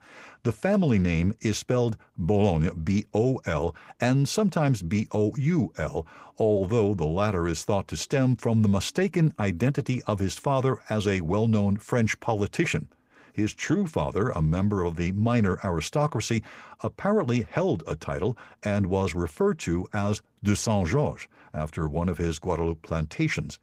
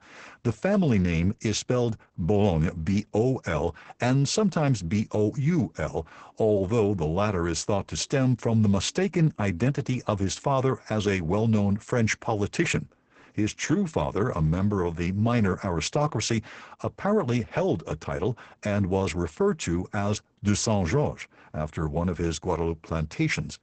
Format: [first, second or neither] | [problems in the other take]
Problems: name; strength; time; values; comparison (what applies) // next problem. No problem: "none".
first | garbled, watery; badly; nothing above 8 kHz; slightly in the first